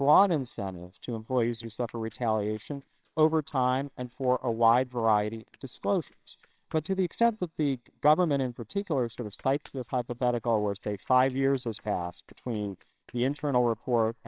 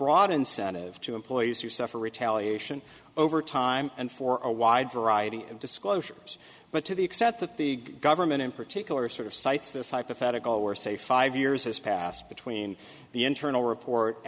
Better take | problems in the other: second | noise reduction (neural separator model SepFormer WHAMR!)

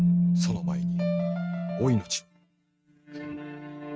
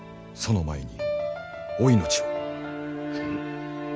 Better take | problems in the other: second | noise reduction (neural mask model RNNoise)

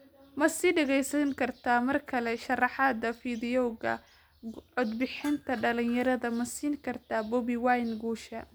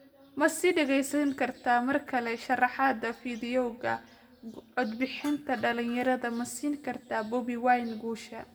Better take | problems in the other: first | room echo; dies away in 1.3 s

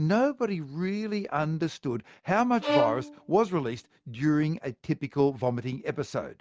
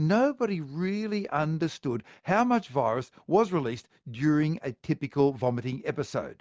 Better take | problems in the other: second | background sound (Bowed string instrument); 4 dB below the speech

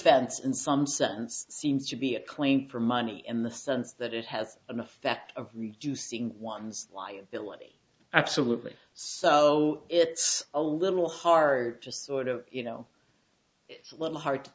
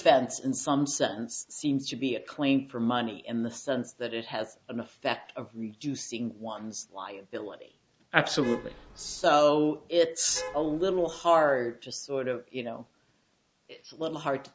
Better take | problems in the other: first | background sound (Traffic noise, roadway noise / Vehicle horn, car horn, honking); 13 dB below the speech

